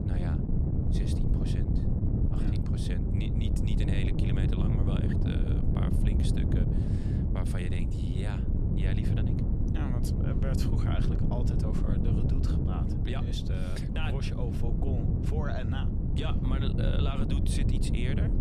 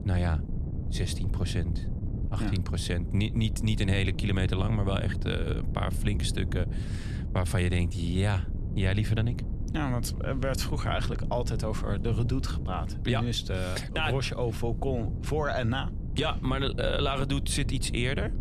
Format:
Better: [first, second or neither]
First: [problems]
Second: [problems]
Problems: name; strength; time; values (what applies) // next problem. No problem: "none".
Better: second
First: wind noise on the microphone; heavy; 2 dB above the speech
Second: wind noise on the microphone; occasional gusts; 15 dB below the speech